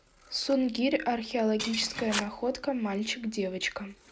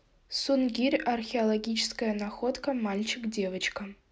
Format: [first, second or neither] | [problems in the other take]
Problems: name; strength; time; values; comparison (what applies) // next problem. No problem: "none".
second | background sound (Shatter / Crushing + Scissors); 12 dB below the speech